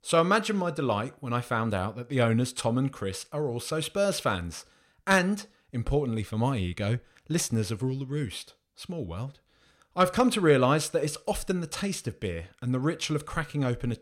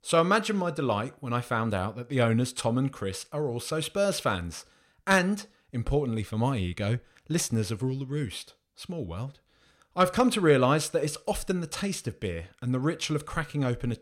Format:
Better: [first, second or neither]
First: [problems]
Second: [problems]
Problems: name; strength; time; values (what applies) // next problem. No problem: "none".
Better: neither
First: none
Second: none